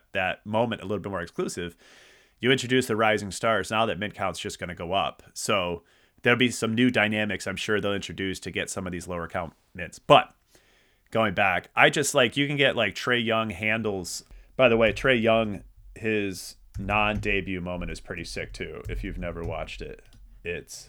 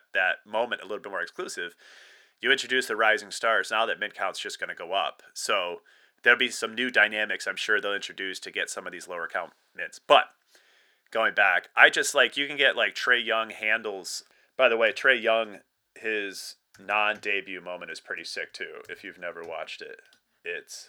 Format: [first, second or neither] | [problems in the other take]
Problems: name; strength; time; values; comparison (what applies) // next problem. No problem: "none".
first | thin; very; fading below 500 Hz